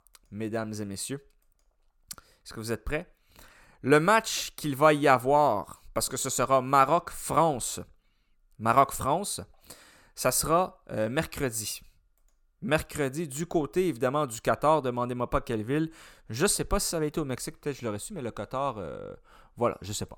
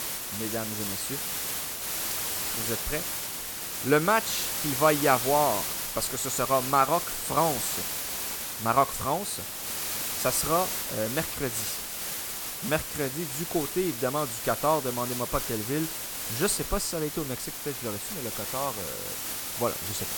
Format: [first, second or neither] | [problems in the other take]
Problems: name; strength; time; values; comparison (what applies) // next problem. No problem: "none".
first | hiss; loud; throughout; 2 dB below the speech